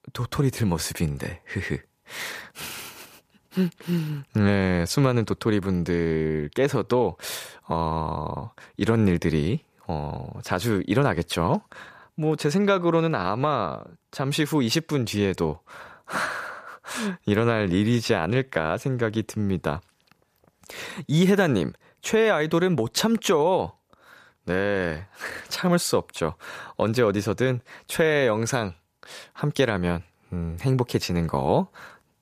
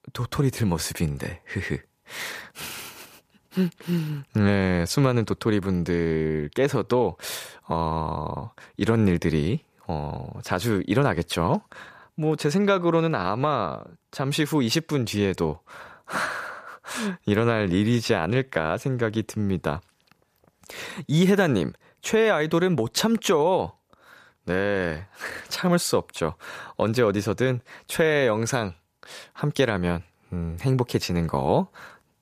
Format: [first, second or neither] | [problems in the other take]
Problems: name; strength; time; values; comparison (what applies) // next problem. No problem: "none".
neither | none